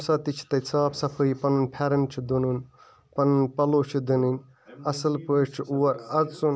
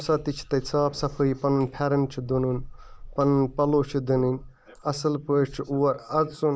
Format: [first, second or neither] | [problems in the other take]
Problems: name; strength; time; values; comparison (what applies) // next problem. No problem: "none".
first | noise reduction (neural mask model Resemble Enhance denoiser)